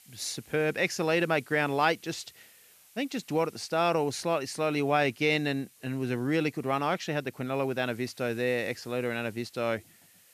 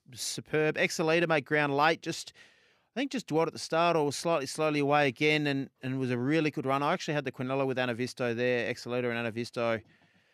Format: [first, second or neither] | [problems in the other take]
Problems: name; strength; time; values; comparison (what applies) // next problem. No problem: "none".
second | hiss; faint; throughout; 25 dB below the speech